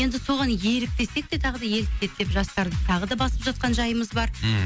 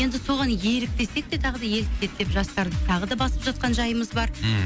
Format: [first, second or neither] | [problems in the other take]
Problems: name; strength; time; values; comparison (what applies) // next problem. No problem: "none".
first | background sound (Engine / Mechanisms); 16 dB below the speech